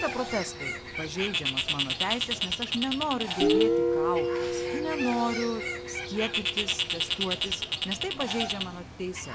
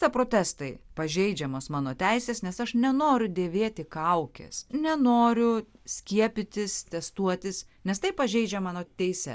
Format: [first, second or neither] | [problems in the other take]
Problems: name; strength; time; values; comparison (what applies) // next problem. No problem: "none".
second | background sound (Bird + Guitar); 3 dB above the speech